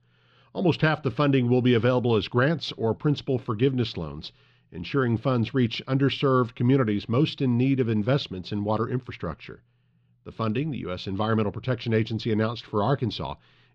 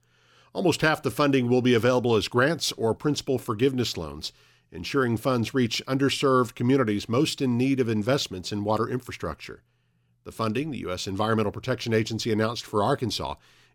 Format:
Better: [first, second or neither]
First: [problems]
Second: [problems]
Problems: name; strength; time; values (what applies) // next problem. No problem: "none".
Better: second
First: muffled; very slightly; fading above 4 kHz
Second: none